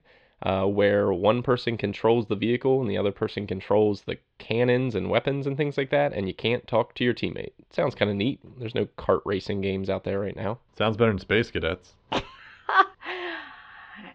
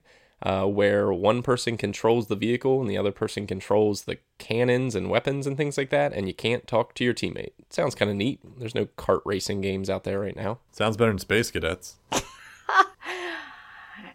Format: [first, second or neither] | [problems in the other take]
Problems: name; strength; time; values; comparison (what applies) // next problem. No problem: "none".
second | muffled; slightly; fading above 3.5 kHz